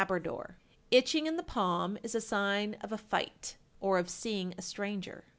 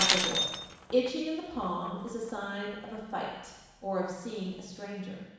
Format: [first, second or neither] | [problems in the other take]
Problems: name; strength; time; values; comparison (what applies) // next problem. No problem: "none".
first | background sound (Shatter); 2 dB below the speech // room echo; dies away in 1.1 s